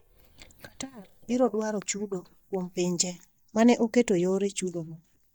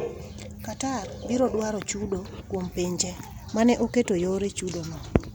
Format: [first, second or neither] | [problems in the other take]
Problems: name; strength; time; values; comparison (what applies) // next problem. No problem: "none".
second | noise reduction (neural mask model DeepFilterNet 3)